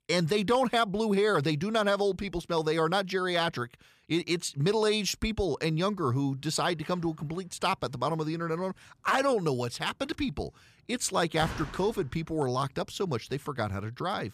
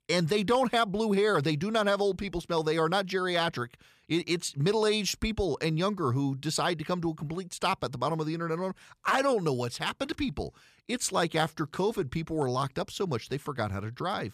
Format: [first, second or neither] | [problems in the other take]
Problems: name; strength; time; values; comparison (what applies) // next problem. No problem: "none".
second | door banging; noticeable; at 11 s; peak 9 dB below the speech